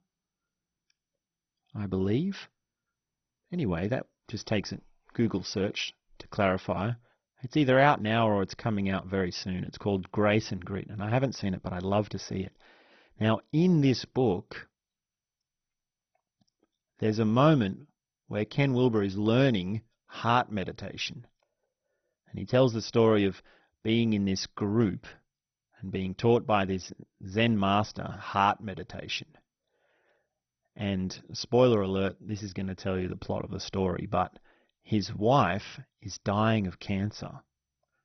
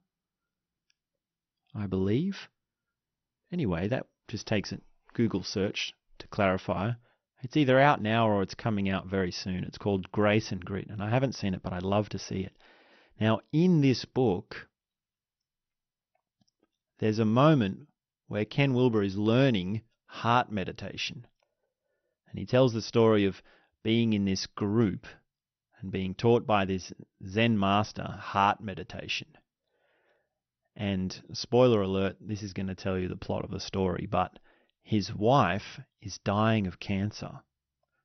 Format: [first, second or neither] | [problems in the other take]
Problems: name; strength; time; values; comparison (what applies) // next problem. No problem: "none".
second | garbled, watery; badly; nothing above 6 kHz; slightly in the second